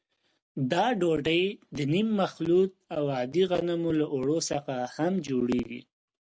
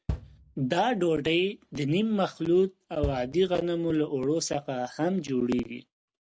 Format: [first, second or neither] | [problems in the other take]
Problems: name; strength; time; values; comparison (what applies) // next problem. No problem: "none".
first | background sound (Bass drum); 13 dB below the speech